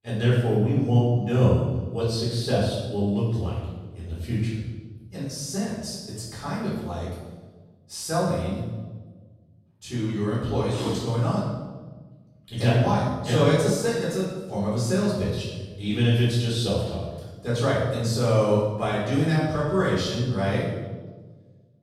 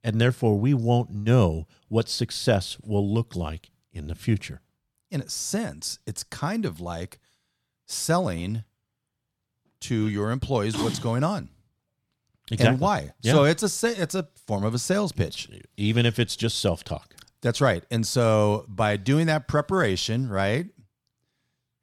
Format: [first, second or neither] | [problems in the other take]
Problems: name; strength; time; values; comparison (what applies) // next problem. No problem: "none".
second | off-mic speech; far // room echo; strong; dies away in 1.1 s